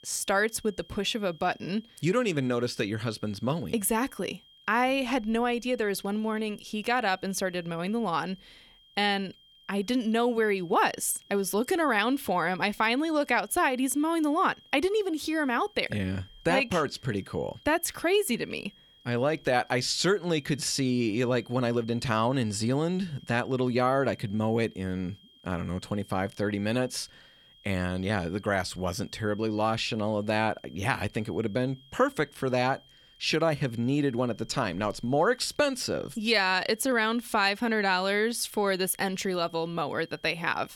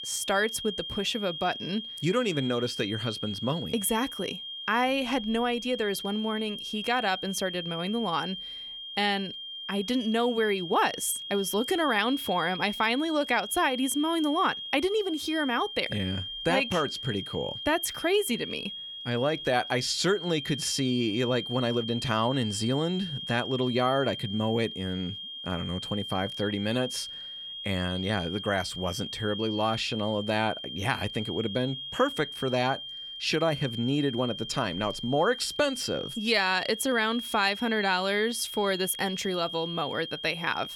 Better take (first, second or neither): first